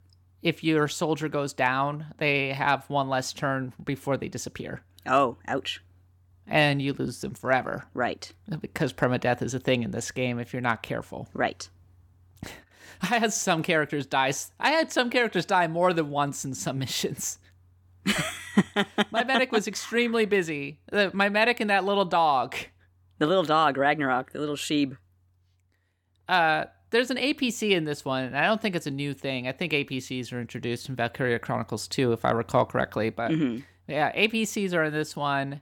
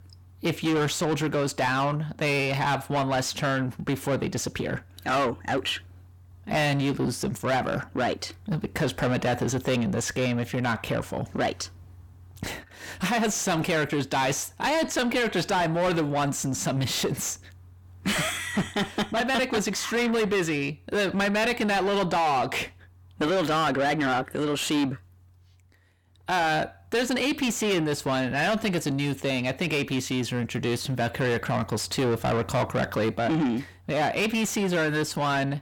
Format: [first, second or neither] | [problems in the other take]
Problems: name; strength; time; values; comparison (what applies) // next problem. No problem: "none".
first | distortion; heavy; 6 dB below the speech